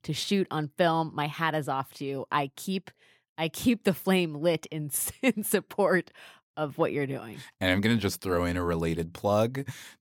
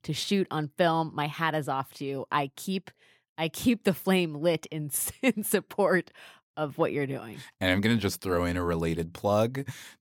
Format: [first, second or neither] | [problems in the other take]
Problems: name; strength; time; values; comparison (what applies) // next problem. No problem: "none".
neither | none